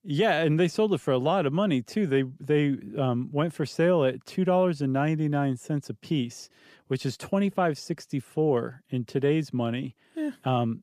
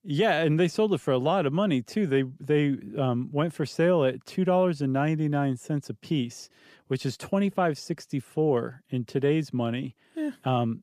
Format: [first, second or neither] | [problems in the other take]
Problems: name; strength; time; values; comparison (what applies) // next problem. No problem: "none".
neither | none